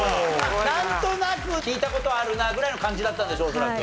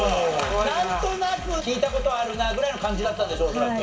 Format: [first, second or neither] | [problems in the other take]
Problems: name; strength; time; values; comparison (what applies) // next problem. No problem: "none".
first | room echo; dies away in 0.2 s